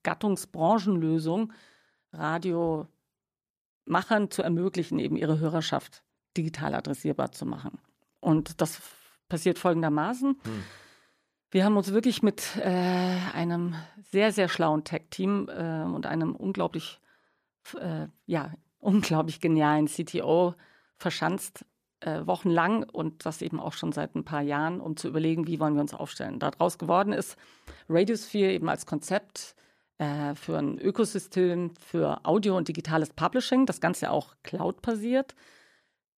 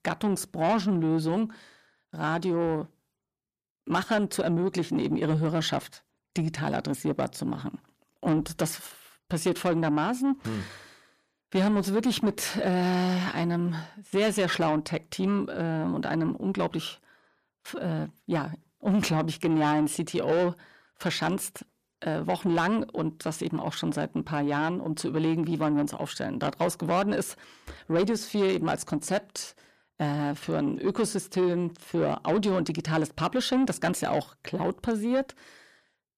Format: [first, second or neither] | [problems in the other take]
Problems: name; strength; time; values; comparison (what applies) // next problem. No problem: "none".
first | distortion; slight; 10 dB below the speech